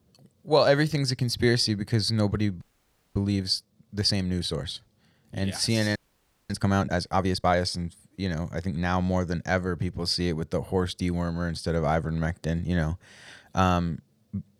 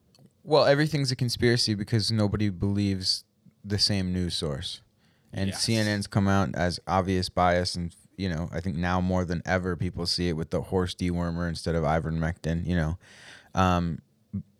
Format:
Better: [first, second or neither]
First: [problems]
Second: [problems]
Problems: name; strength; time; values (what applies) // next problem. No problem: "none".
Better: second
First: audio freezing; at 2.5 s for 0.5 s and at 6 s for 0.5 s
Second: none